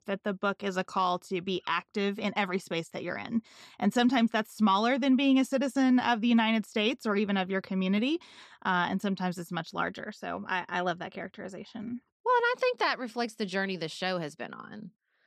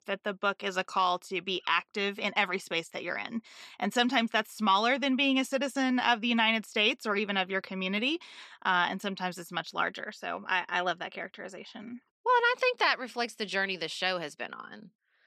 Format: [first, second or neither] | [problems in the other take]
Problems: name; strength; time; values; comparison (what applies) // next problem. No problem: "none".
first | thin; very slightly; fading below 950 Hz